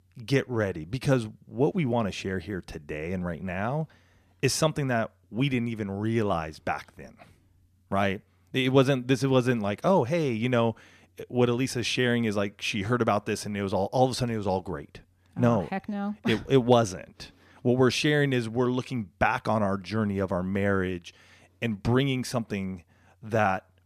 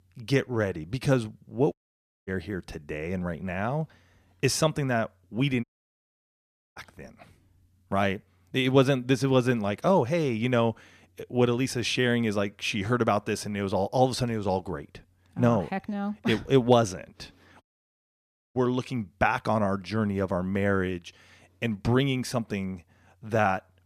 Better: first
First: none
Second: audio cutting out; at 1.5 s for 0.5 s, at 5.5 s for 1 s and at 18 s for 1 s

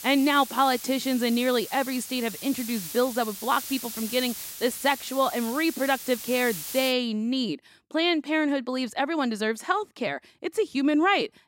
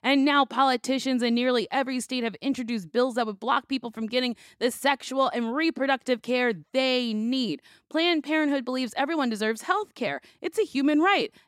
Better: second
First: hiss; loud; until 7 s; 10 dB below the speech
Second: none

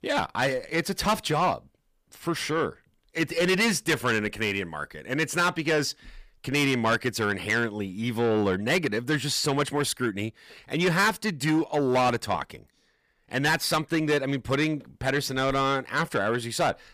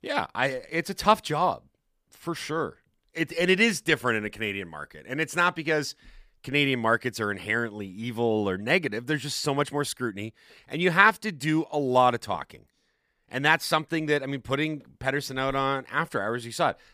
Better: second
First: distortion; heavy; 6 dB below the speech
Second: none

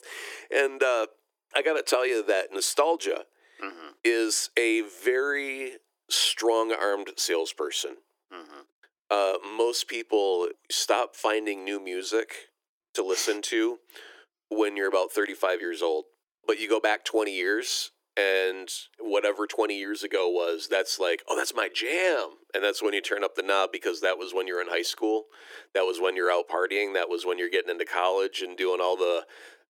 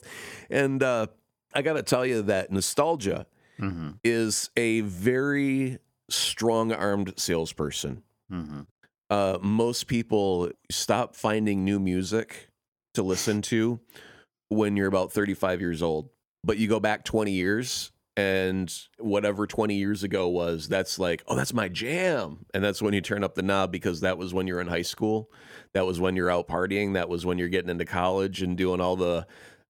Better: second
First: thin; very; fading below 300 Hz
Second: none

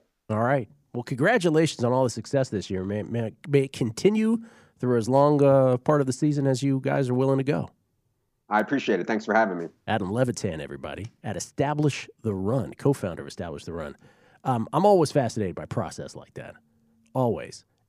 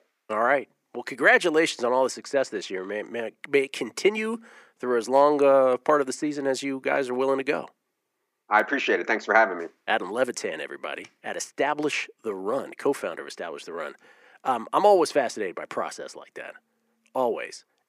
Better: first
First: none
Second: thin; somewhat; fading below 350 Hz

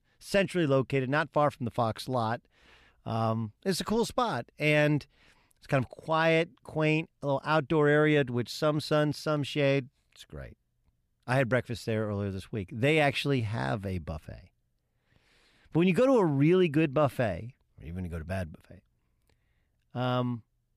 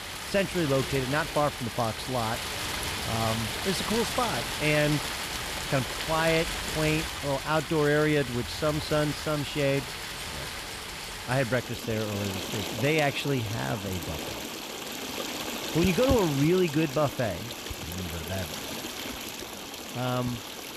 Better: first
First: none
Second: rain or running water; loud; throughout; 5 dB below the speech

